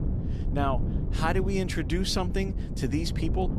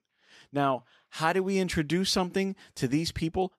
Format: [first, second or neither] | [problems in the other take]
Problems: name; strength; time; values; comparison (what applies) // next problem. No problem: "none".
second | wind noise on the microphone; occasional gusts; 10 dB below the speech